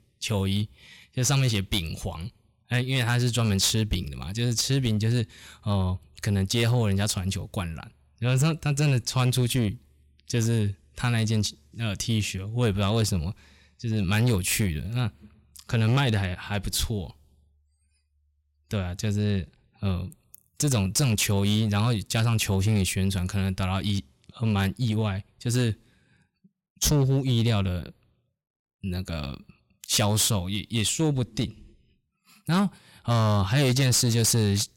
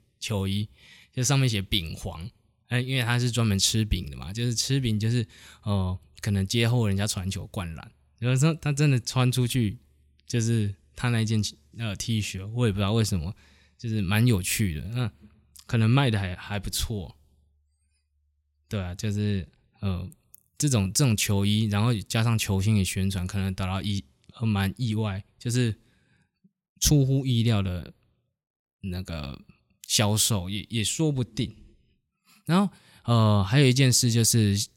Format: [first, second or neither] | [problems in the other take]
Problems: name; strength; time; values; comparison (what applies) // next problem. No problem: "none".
second | distortion; slight; 8% of the sound clipped